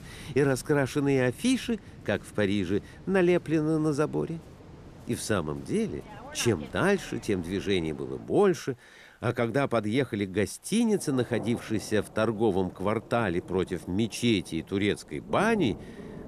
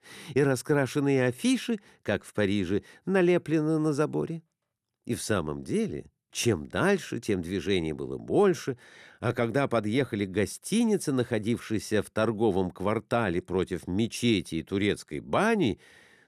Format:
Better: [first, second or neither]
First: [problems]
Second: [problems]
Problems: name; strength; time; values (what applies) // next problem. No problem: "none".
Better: second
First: rain or running water; noticeable; throughout; 20 dB below the speech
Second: none